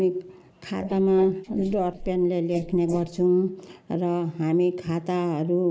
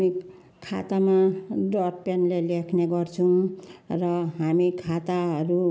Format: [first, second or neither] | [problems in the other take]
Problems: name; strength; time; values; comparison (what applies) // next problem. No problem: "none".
second | noise reduction (neural mask model Resemble Enhance denoiser)